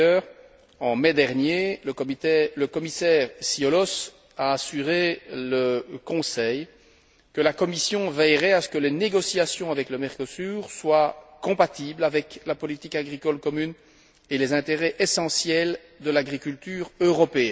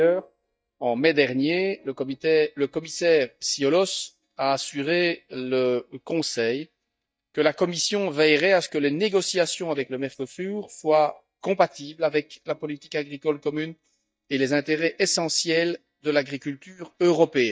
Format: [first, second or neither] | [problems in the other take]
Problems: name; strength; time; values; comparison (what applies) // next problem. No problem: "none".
first | noise reduction (neural mask model DeepFilterNet 3)